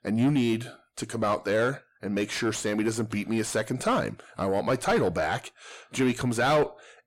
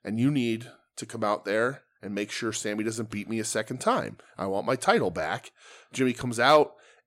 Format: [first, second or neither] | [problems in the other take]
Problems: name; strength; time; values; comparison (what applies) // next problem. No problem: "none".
second | distortion; heavy; 7 dB below the speech